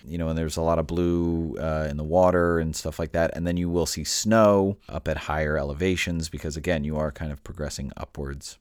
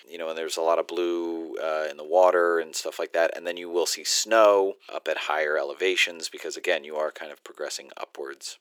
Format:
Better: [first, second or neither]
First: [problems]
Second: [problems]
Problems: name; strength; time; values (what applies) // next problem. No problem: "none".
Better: first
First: none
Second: thin; very; fading below 350 Hz